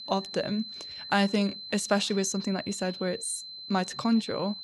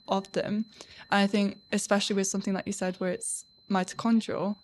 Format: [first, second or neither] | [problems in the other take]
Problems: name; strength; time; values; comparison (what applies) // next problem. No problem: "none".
second | high-pitched whine; loud; throughout; 4 kHz, 10 dB below the speech; faint in the second